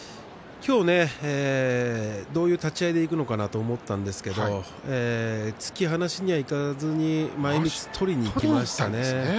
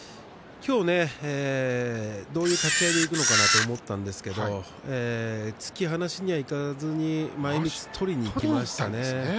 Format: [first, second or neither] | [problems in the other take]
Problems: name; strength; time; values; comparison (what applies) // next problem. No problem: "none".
first | background sound (Camera); 4 dB above the speech